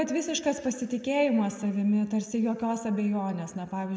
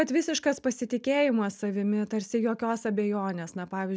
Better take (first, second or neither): second